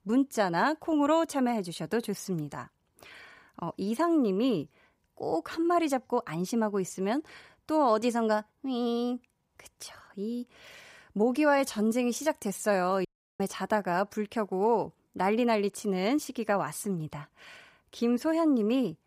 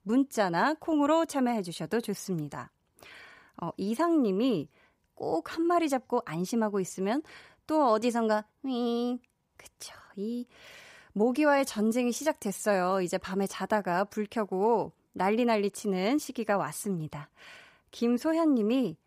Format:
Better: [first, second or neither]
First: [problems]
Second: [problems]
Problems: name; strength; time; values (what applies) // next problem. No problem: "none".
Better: second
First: audio cutting out; at 13 s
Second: none